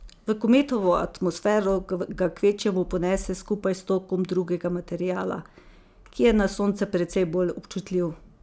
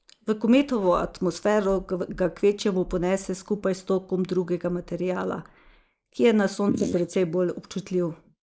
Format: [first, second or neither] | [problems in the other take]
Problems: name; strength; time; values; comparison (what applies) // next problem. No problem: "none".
first | noise reduction (neural mask model Resemble Enhance denoiser)